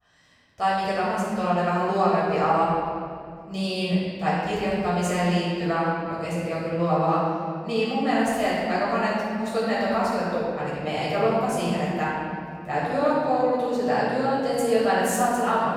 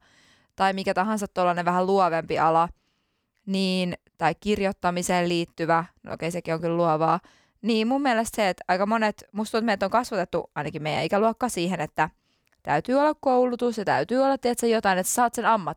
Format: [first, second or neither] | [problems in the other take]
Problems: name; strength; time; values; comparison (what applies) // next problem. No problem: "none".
second | room echo; strong; dies away in 2.2 s // off-mic speech; far